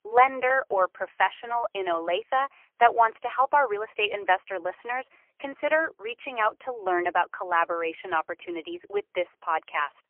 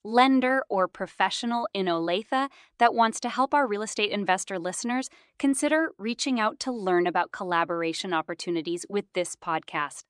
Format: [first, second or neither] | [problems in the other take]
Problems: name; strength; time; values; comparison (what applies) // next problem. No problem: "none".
second | phone-call audio; poor line; nothing above 3 kHz